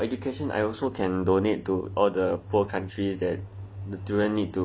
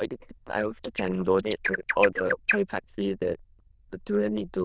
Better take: first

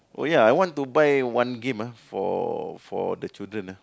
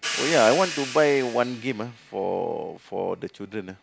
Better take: first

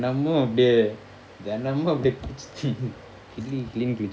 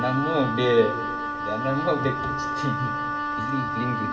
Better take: first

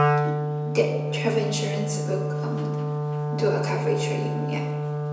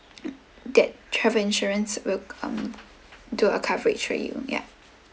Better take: second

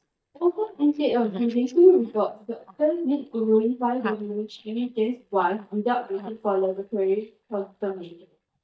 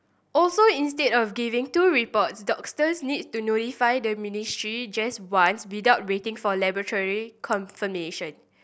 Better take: second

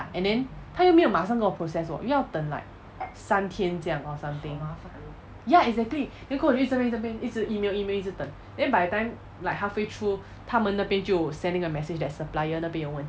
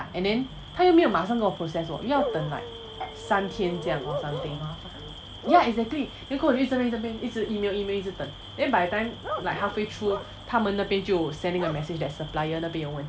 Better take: first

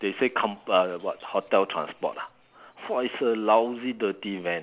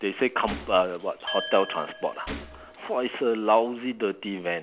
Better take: first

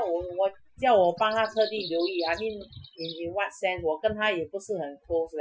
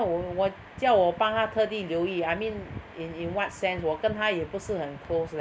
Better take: second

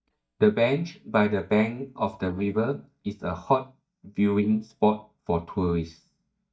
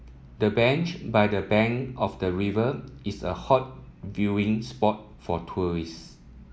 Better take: second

